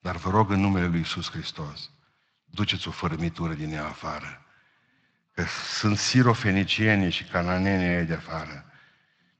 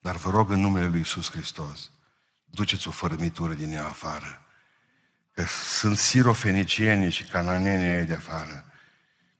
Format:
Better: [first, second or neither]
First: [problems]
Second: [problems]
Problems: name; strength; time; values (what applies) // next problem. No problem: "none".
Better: first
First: garbled, watery; slightly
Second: garbled, watery; badly